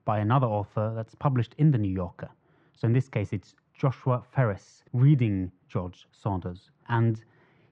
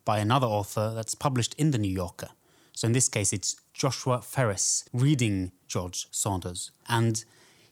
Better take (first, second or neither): second